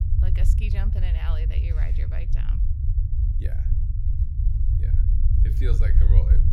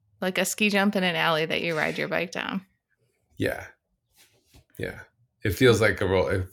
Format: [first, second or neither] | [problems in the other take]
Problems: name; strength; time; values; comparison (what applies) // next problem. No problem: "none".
second | low rumble; loud; throughout; 1 dB below the speech